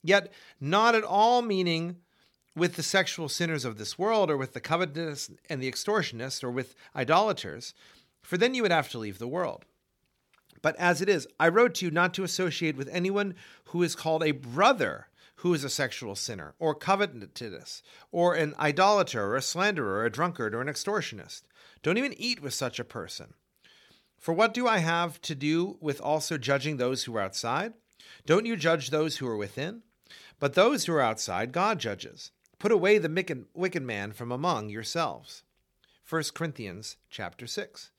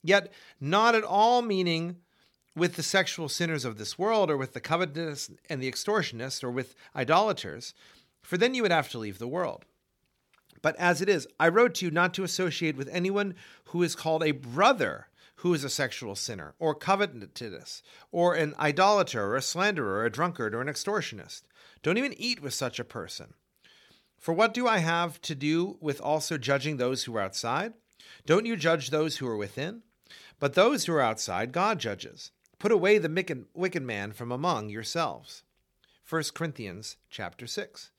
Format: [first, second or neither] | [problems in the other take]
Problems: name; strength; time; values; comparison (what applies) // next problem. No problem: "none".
neither | none